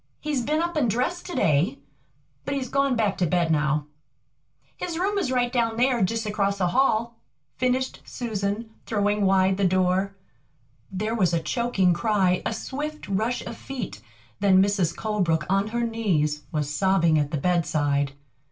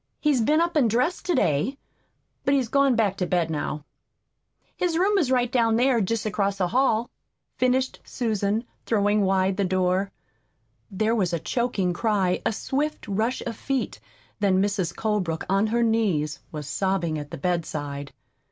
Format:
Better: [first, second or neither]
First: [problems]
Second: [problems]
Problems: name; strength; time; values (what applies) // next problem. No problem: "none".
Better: second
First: room echo; dies away in 0.2 s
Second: none